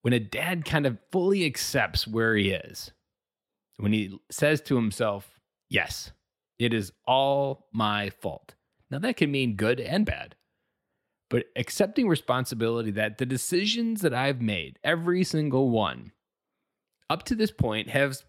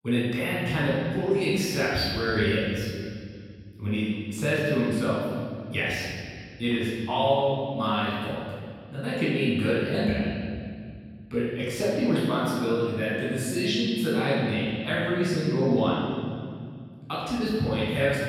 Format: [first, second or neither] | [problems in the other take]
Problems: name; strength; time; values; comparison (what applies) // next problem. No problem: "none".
first | off-mic speech; far // room echo; strong; dies away in 2.3 s